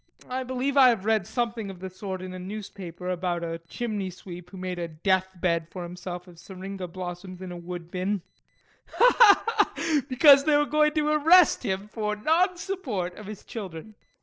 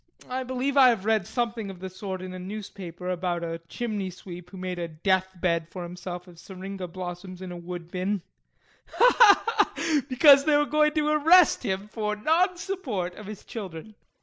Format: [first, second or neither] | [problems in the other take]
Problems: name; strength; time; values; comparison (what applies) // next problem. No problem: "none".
second | noise reduction (neural separator model SepFormer DNS4)